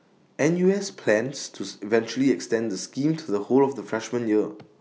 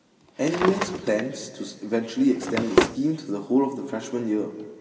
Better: first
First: none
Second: background sound (Drawer open or close); 4 dB below the speech // room echo; dies away in 2.3 s

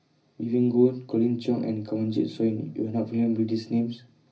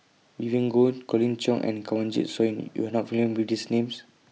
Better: second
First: room echo; dies away in 0.4 s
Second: none

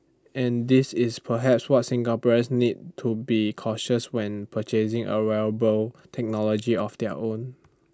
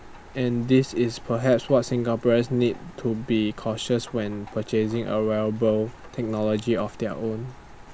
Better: first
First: none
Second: background sound (Rain); 19 dB below the speech

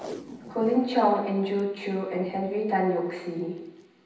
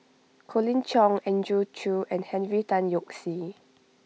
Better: second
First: background sound (Packing tape, duct tape); 19 dB below the speech // room echo; dies away in 0.9 s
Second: none

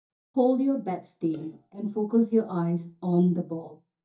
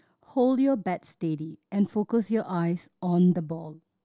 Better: second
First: noise reduction (neural mask model DeepFilterNet 3)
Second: none

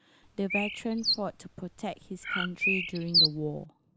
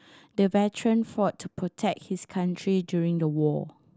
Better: second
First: background sound (Bird); 4 dB above the speech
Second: none

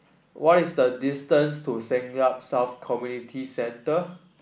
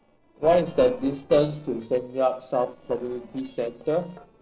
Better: first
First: none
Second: noise reduction (neural separator model SepFormer DNS4)

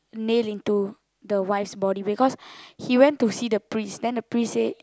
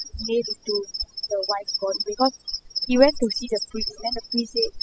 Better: first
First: none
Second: noise reduction (classical method spectral subtraction)

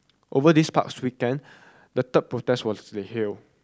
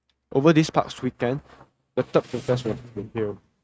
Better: first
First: none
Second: noise reduction (neural mask model RNNoise)

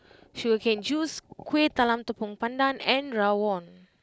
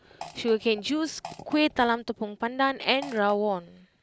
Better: first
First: none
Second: background sound (Fart); 19 dB below the speech

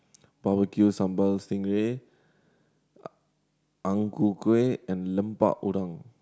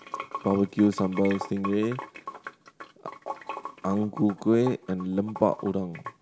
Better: first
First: none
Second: background sound (Sink (filling or washing) / Water); 12 dB below the speech

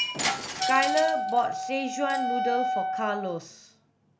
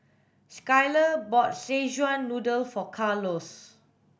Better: second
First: background sound (Wind instrument, woodwind instrument + Shatter); as loud as the speech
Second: none

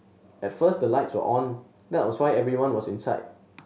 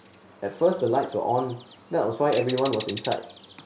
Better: first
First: none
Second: background sound (Bird); 16 dB below the speech

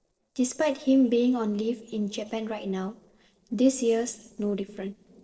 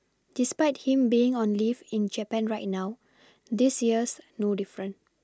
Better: second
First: noise reduction (neural separator model SepFormer DNS4)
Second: none

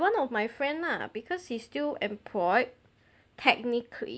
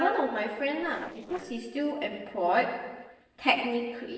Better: first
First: none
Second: noise reduction (neural separator model SepFormer DNS4)

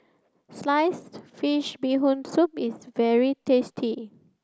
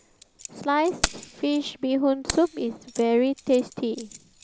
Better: first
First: none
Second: background sound (Keys jangling); 12 dB below the speech

